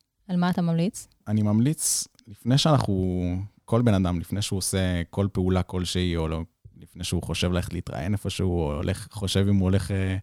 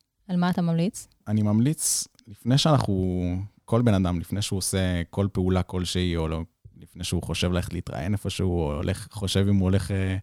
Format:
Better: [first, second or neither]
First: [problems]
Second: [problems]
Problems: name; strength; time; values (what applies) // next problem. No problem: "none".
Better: neither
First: none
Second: none